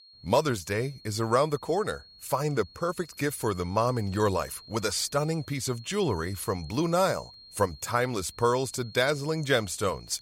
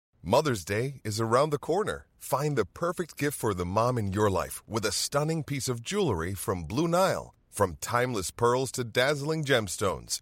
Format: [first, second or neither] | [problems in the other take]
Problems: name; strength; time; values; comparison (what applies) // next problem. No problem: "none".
second | high-pitched whine; faint; throughout; 4 kHz, 20 dB below the speech